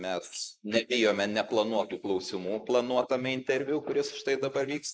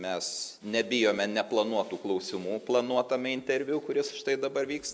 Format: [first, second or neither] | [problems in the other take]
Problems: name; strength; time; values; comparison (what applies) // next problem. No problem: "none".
second | noise reduction (neural mask model Resemble Enhance denoiser)